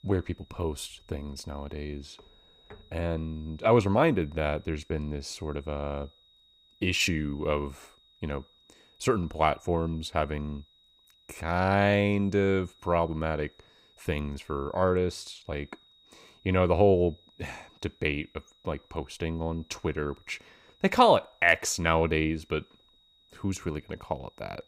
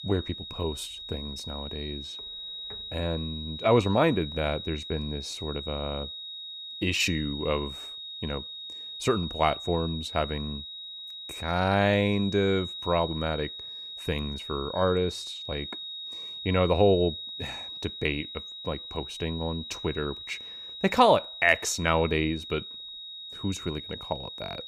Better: first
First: high-pitched whine; faint; throughout; 4 kHz, 30 dB below the speech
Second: high-pitched whine; loud; throughout; 4 kHz, 9 dB below the speech

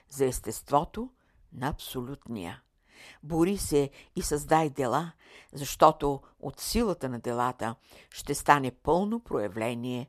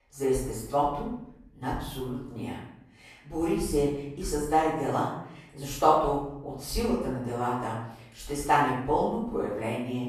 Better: first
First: none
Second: off-mic speech; far // room echo; noticeable; dies away in 0.7 s

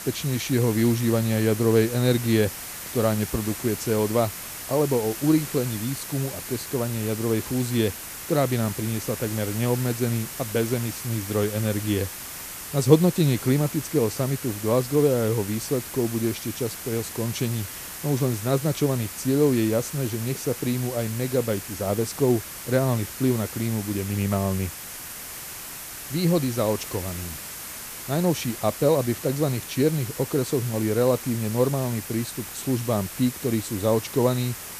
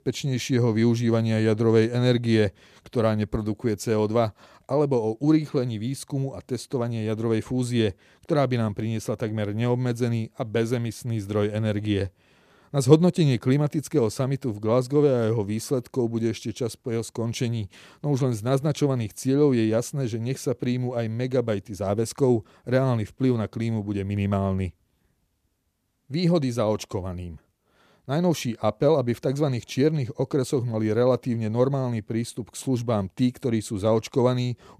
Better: second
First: hiss; loud; throughout; 9 dB below the speech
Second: none

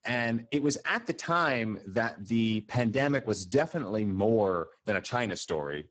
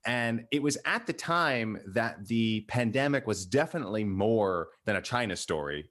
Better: second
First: garbled, watery; badly; nothing above 8 kHz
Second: none

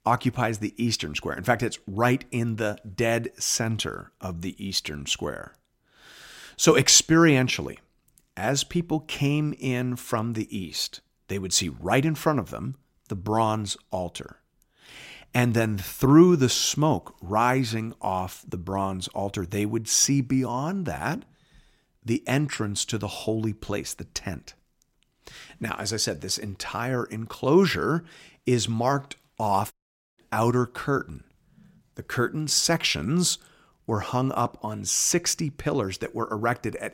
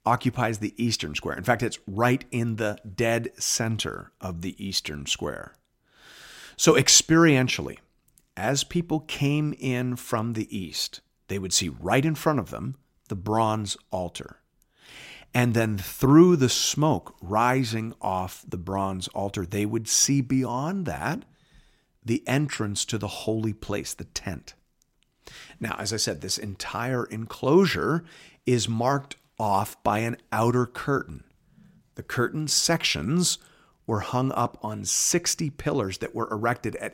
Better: second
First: audio cutting out; at 30 s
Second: none

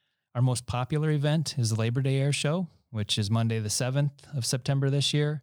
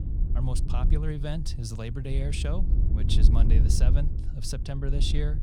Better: first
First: none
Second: wind noise on the microphone; heavy; 6 dB below the speech

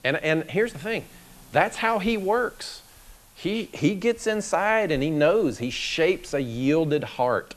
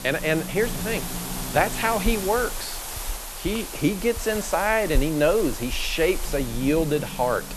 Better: first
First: hiss; faint; throughout; 25 dB below the speech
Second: hiss; loud; throughout; 7 dB below the speech

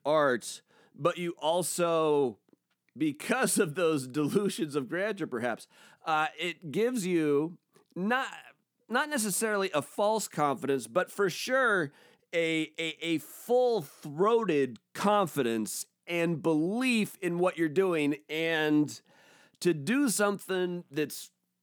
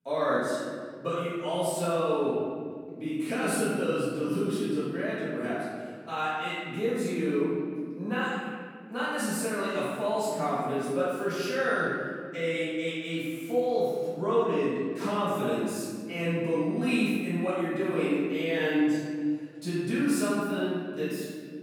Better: first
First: none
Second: off-mic speech; far // room echo; strong; dies away in 1.9 s

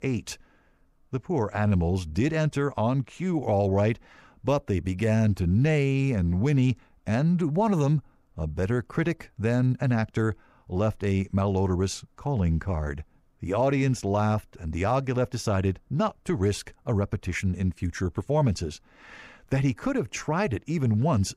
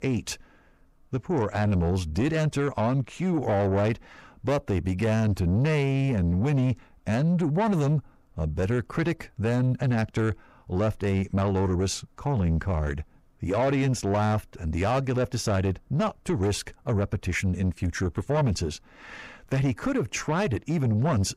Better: first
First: none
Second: distortion; slight; 10 dB below the speech

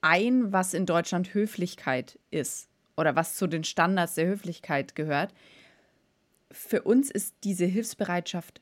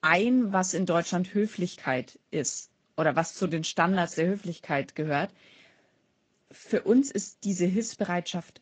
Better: first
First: none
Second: garbled, watery; slightly; nothing above 7.5 kHz

